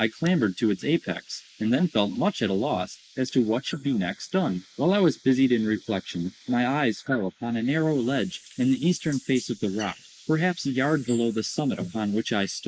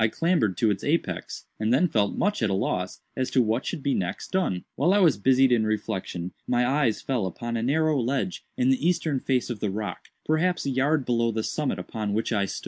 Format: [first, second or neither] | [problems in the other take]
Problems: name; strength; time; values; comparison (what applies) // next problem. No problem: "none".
second | noise reduction (neural mask model Resemble Enhance denoiser)